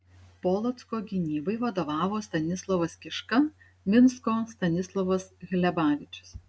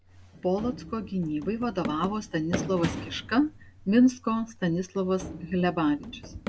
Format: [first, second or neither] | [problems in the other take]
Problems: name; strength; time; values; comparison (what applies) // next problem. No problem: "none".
first | background sound (Run); 11 dB below the speech